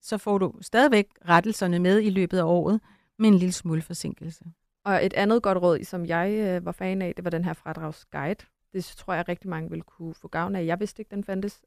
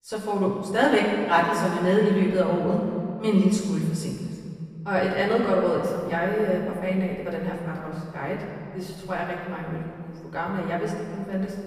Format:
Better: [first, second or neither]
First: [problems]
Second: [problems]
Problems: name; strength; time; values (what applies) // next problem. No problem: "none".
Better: first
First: none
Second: off-mic speech; far // room echo; noticeable; dies away in 1.9 s